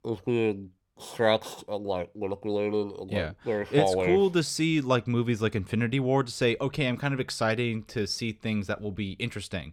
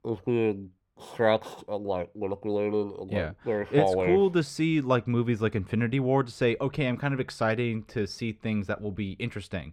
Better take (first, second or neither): first